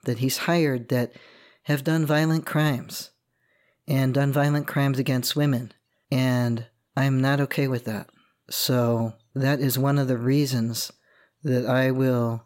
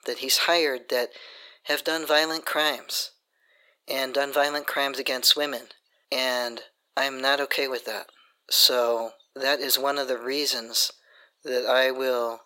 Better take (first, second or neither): first